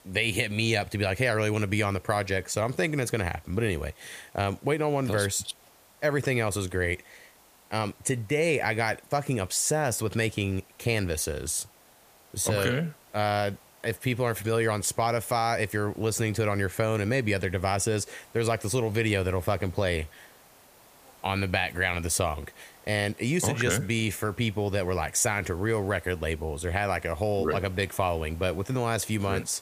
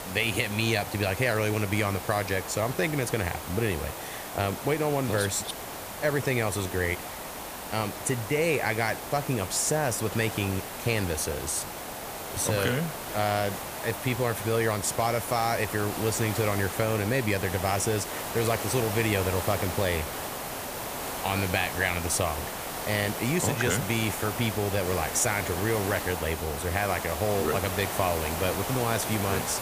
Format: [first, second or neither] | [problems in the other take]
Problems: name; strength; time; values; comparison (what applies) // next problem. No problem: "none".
first | hiss; loud; throughout; 6 dB below the speech; faint in the first